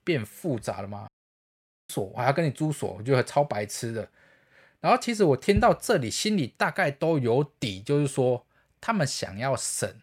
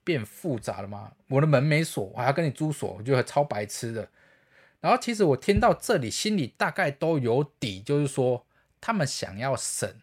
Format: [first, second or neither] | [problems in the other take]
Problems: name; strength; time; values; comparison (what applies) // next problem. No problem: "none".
second | audio cutting out; at 1 s for 1 s